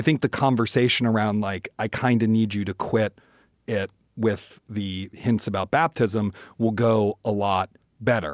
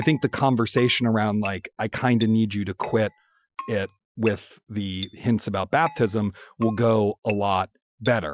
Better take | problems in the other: first | noise reduction (classical method Wiener filter)

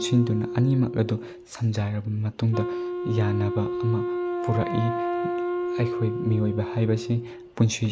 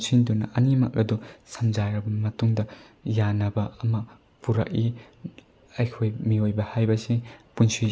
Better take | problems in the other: second | background sound (Wind instrument, woodwind instrument); 5 dB below the speech

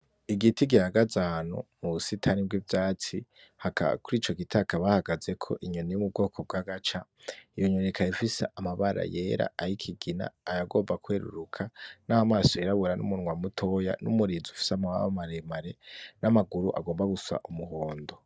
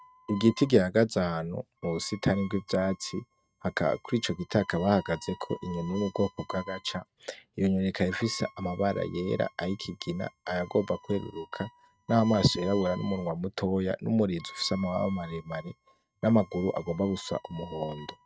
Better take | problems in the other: first | noise reduction (neural mask model RNNoise)

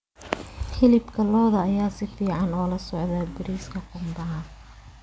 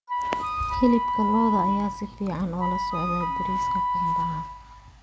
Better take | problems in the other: first | background sound (Wind instrument, woodwind instrument); as loud as the speech

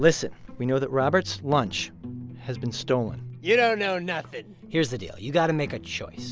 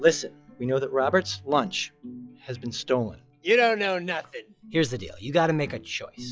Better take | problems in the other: first | noise reduction (classical method log-MMSE)

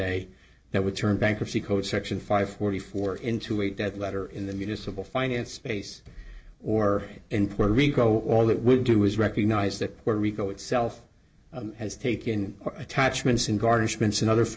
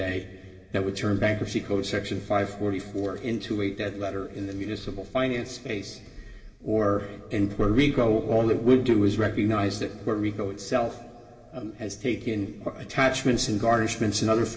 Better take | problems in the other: first | room echo; dies away in 2 s

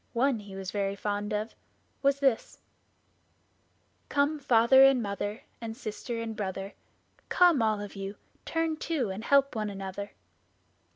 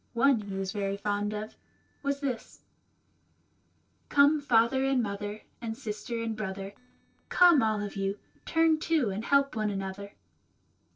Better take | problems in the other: first | noise reduction (neural separator model SepFormer DNS4)

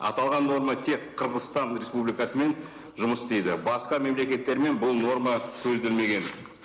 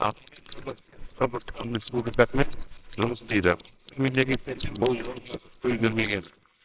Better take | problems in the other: first | noise reduction (neural separator model SepFormer WHAMR!)

